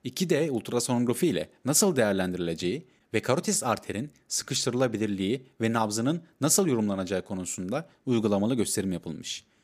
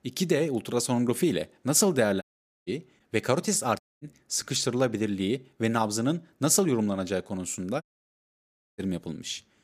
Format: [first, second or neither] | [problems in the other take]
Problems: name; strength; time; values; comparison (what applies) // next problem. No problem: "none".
first | audio cutting out; at 2 s, at 4 s and at 8 s for 1 s